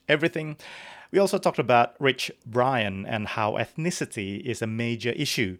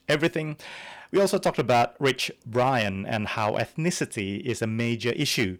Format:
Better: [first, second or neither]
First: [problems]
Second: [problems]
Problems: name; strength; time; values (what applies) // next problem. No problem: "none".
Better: first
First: none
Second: distortion; slight; 4% of the sound clipped